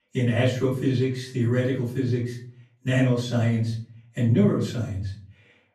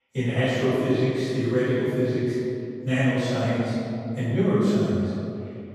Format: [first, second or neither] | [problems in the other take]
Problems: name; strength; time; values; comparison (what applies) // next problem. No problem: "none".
first | room echo; strong; dies away in 2.5 s; slight in the first // off-mic speech; far; far in the first